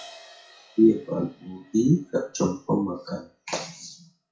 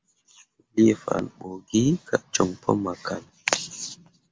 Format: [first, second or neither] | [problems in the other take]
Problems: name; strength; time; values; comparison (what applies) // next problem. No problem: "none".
second | noise reduction (classical method WPE with log-MMSE)